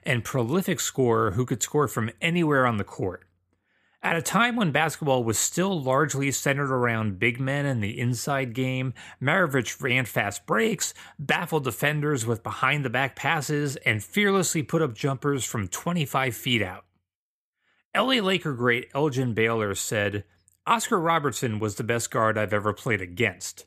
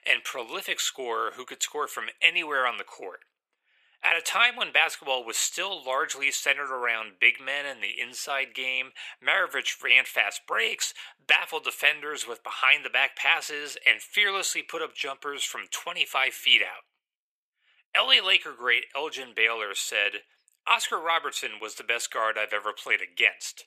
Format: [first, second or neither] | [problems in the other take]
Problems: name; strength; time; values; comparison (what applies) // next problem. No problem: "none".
first | thin; very; fading below 500 Hz